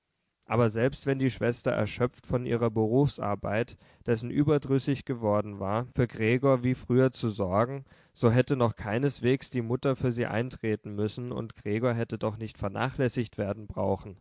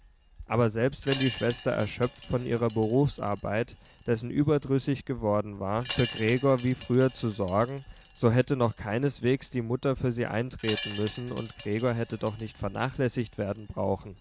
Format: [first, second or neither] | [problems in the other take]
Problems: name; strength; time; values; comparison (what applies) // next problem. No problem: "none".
first | background sound (Wind chime); 17 dB below the speech